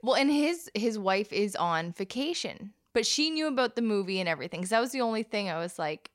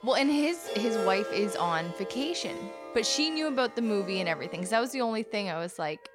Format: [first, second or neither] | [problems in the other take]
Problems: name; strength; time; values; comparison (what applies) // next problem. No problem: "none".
first | background music; loud; throughout; 8 dB below the speech